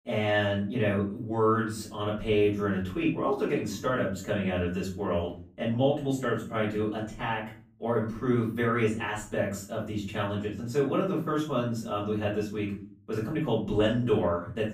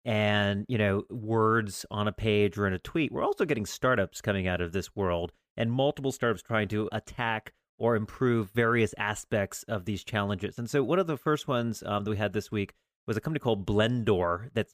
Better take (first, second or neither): second